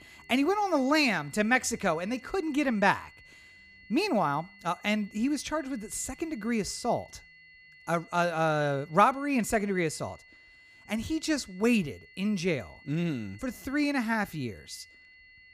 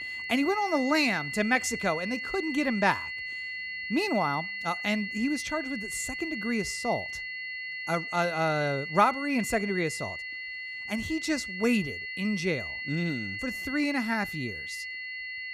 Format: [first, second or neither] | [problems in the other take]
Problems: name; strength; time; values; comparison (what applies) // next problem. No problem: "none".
first | high-pitched whine; loud; throughout; 2 kHz, 5 dB below the speech; faint in the first